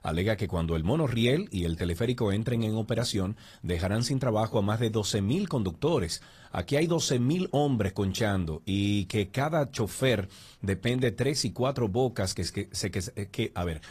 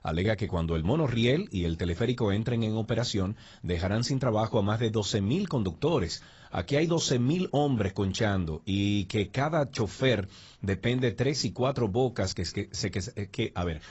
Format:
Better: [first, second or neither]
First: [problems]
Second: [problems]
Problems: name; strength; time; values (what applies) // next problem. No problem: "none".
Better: first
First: garbled, watery; slightly; nothing above 15 kHz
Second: garbled, watery; badly; nothing above 7.5 kHz